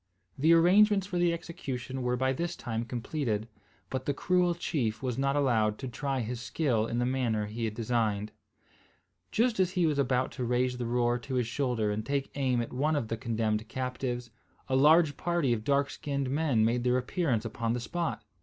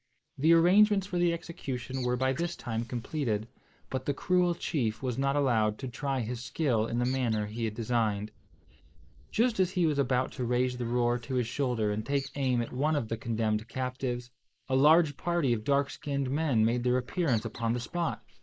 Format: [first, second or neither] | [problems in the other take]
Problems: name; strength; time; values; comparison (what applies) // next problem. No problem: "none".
first | noise reduction (neural mask model Resemble Enhance denoiser)